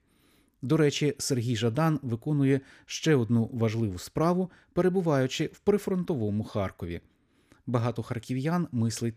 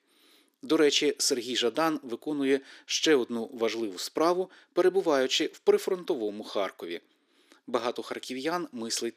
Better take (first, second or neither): first